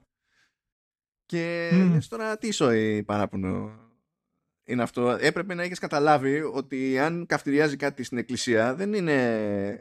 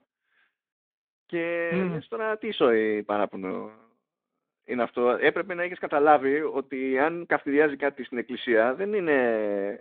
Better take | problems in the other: first | phone-call audio

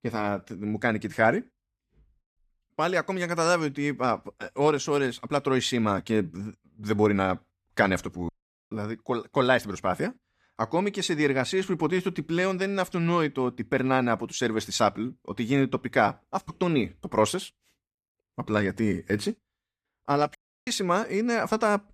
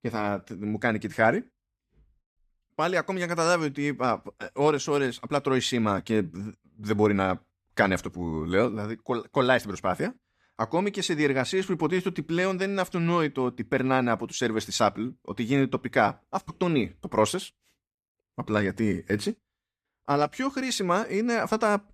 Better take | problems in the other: second | audio cutting out; at 8.5 s and at 20 s

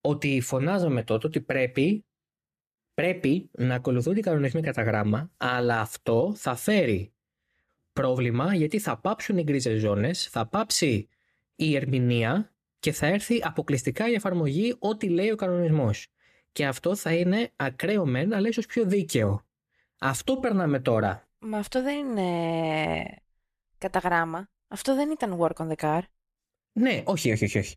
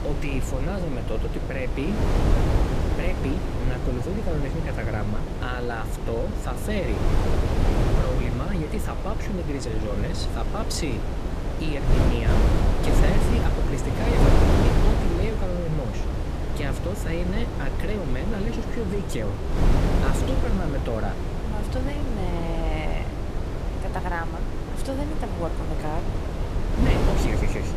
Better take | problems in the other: first | wind noise on the microphone; heavy; 1 dB above the speech

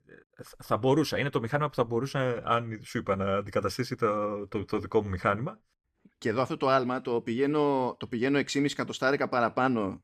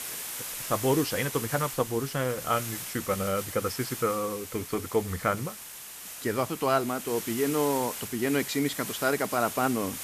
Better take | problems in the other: first | hiss; loud; throughout; 7 dB below the speech

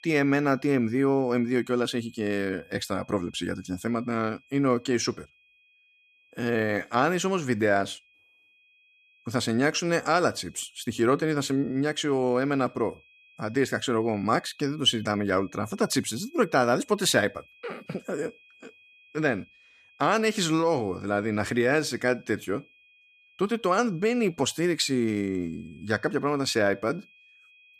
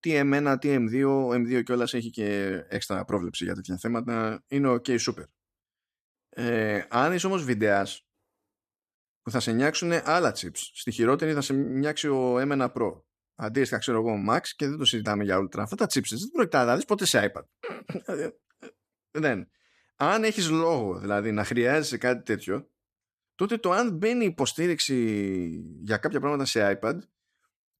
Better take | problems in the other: second | high-pitched whine; faint; throughout; 2.5 kHz, 30 dB below the speech

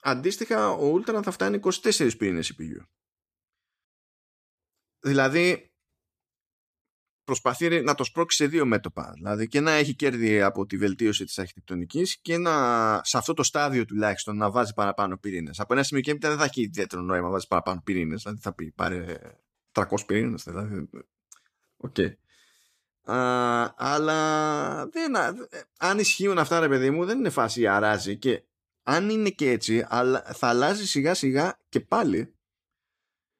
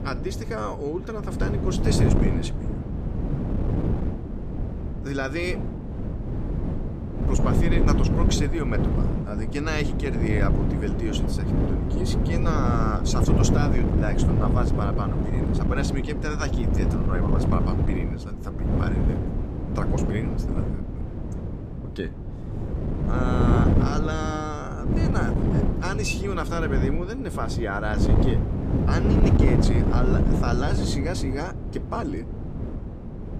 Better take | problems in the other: first | wind noise on the microphone; heavy; 1 dB below the speech

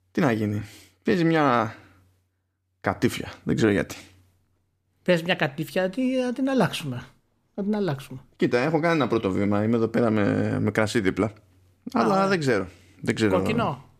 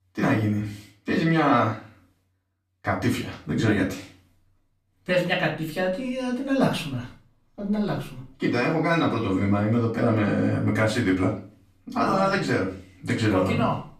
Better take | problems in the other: first | room echo; slight; dies away in 0.3 s // off-mic speech; far

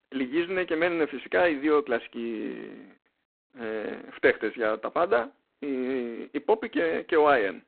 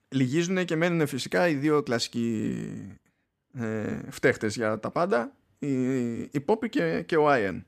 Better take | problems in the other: second | phone-call audio; poor line; nothing above 4 kHz

